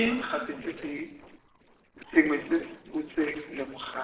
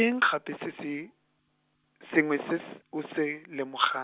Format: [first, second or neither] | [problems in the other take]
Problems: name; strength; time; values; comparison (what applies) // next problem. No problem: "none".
second | noise reduction (neural separator model SepFormer DNS4)